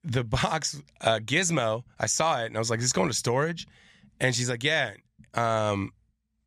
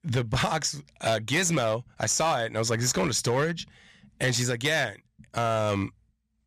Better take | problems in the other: first | distortion; slight; 6% of the sound clipped

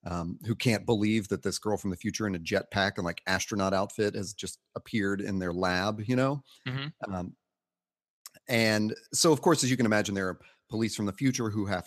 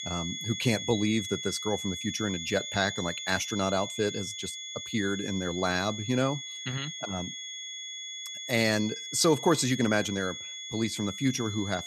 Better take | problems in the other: first | high-pitched whine; loud; throughout; 3.5 kHz, 6 dB below the speech

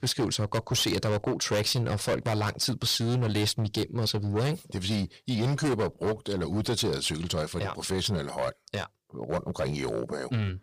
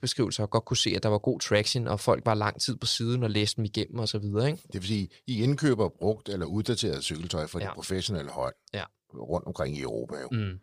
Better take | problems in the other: second | distortion; heavy; 14% of the sound clipped

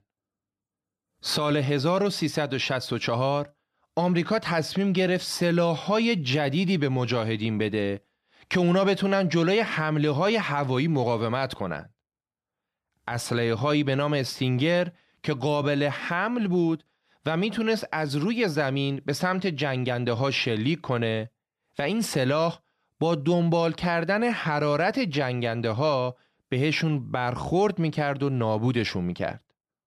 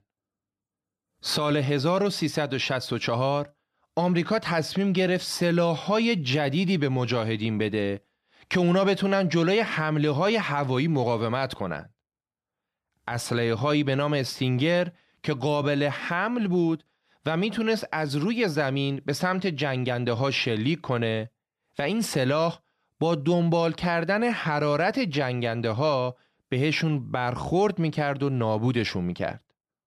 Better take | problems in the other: neither | none

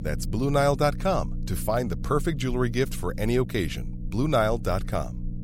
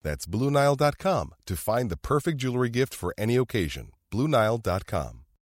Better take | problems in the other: second | low rumble; noticeable; throughout; 20 dB below the speech

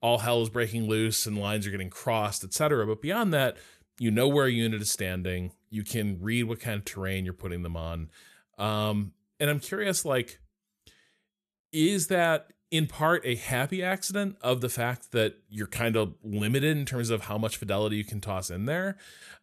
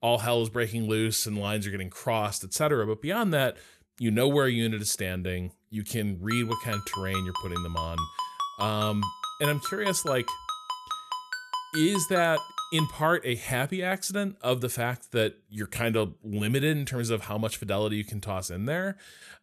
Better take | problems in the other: first | phone ringing; noticeable; from 6.5 to 13 s; peak 4 dB below the speech

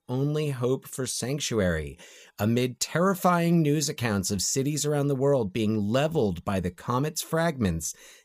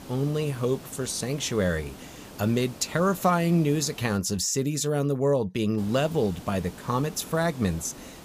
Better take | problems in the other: first | hiss; noticeable; until 4 s and from 6 s on; 20 dB below the speech

